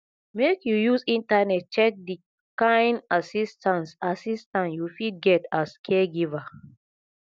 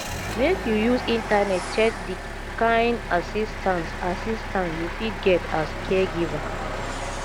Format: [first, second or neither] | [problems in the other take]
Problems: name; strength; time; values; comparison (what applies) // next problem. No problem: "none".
first | background sound (Engine + Train); 6 dB below the speech